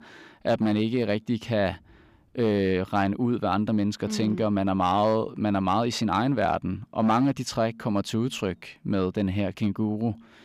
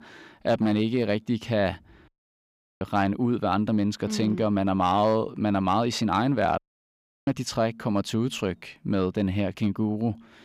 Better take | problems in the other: first | audio cutting out; at 2 s for 0.5 s and at 6.5 s for 0.5 s

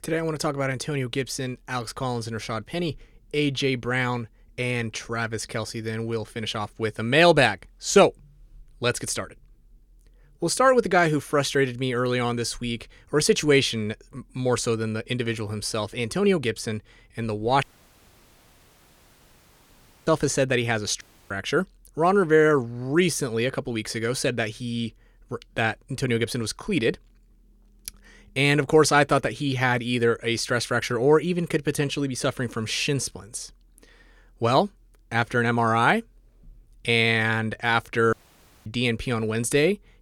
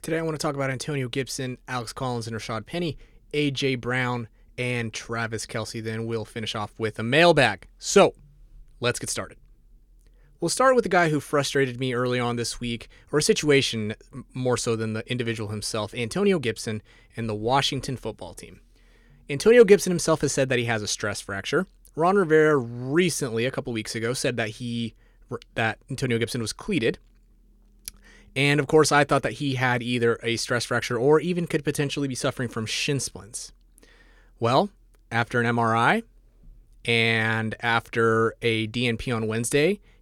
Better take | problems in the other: second | audio cutting out; at 18 s for 2.5 s, at 21 s and at 38 s for 0.5 s

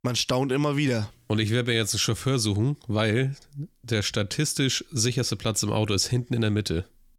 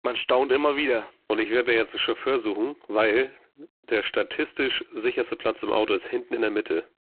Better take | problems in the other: first | phone-call audio; poor line

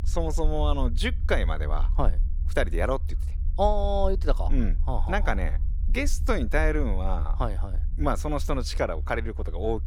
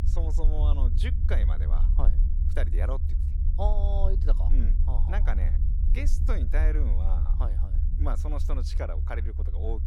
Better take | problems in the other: first | low rumble; loud; throughout; 8 dB below the speech; faint in the first

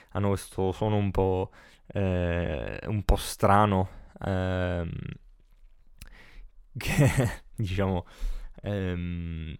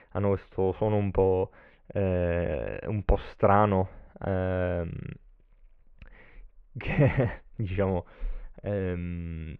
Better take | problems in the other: first | muffled; very; fading above 2.5 kHz

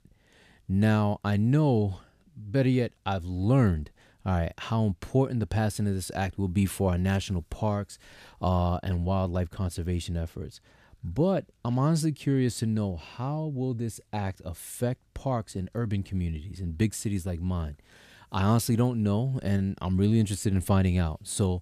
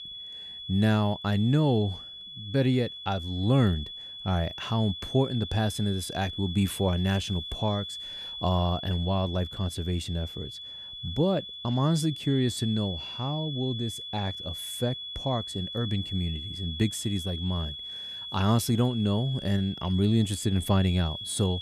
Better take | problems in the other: first | high-pitched whine; loud; throughout; 3.5 kHz, 8 dB below the speech

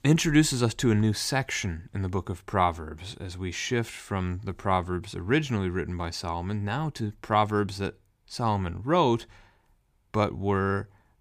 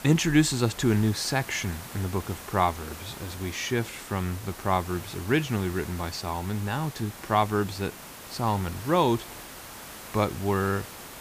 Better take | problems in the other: first | hiss; noticeable; throughout; 15 dB below the speech

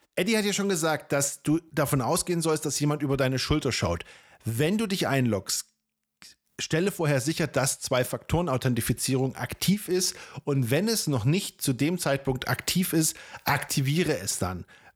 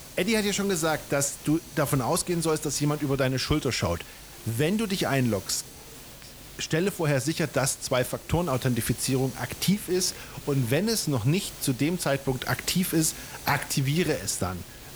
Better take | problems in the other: first | hiss; noticeable; throughout; 15 dB below the speech

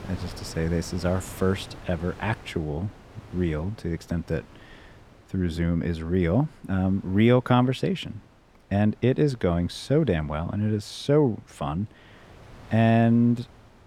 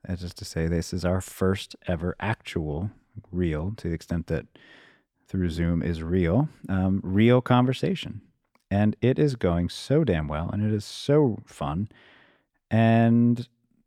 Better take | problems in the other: second | wind noise on the microphone; occasional gusts; 20 dB below the speech

